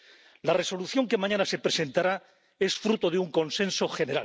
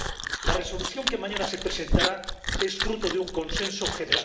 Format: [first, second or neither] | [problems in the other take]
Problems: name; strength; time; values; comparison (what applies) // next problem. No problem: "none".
first | background sound (Chewing, mastication); 2 dB above the speech // room echo; dies away in 1 s